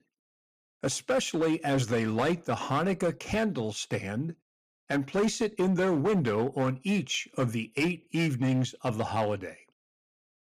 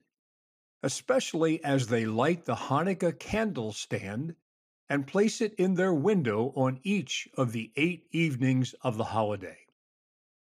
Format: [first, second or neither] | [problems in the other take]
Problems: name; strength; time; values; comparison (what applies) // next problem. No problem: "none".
second | distortion; slight; 8% of the sound clipped